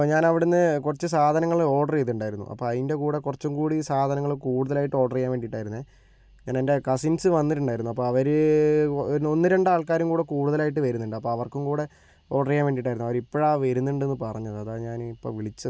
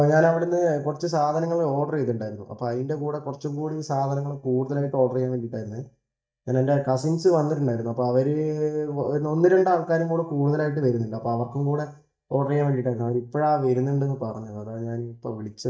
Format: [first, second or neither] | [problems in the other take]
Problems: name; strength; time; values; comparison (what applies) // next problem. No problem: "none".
first | noise reduction (neural mask model DeepFilterNet 3)